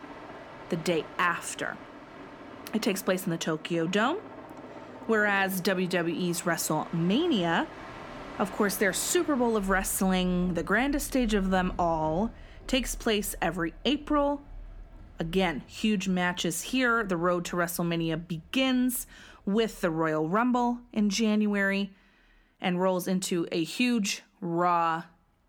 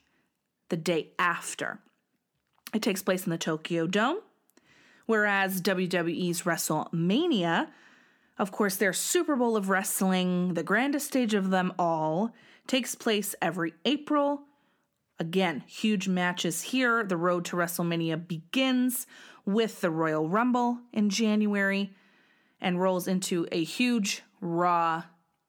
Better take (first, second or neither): second